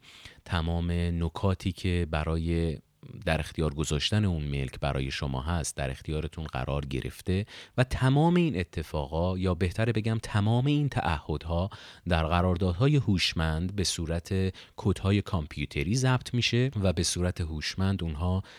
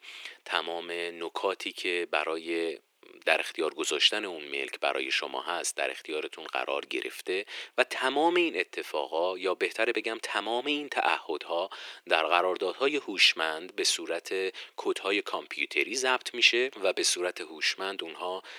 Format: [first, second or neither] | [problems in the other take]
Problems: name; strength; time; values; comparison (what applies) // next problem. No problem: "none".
first | thin; very; fading below 350 Hz